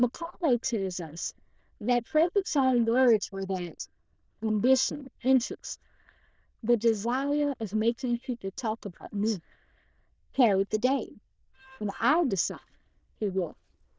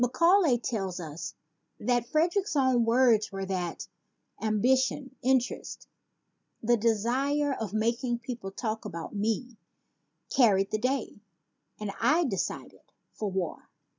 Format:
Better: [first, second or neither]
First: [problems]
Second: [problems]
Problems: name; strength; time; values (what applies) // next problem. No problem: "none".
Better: second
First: noise reduction (neural diffusion model UNIVERSE++)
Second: none